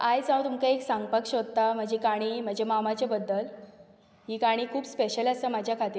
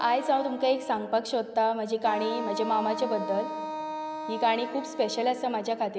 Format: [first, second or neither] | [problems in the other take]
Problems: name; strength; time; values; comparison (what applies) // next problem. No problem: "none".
first | background sound (Wind instrument, woodwind instrument); 9 dB below the speech